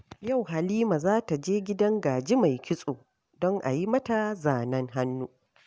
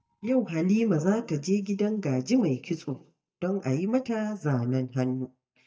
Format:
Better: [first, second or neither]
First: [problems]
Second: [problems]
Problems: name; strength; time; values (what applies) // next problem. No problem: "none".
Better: first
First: none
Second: noise reduction (neural mask model DeepFilterNet 3)